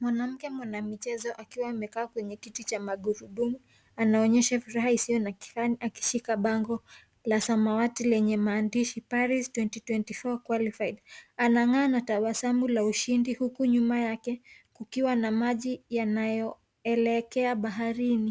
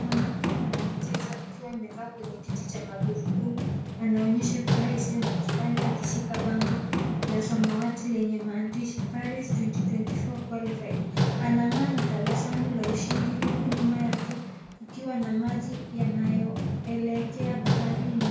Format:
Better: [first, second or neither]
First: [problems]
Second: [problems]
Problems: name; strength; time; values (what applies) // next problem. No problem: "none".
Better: first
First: none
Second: background sound (Run); 1 dB above the speech // room echo; dies away in 0.5 s